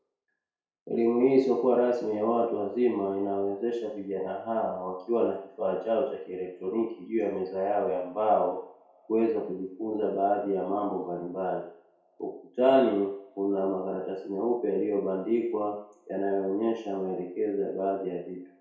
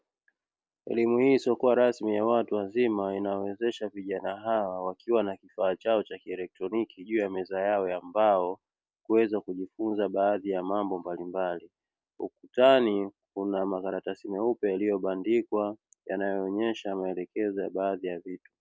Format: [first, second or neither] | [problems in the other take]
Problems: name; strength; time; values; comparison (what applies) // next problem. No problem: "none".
second | room echo; dies away in 0.6 s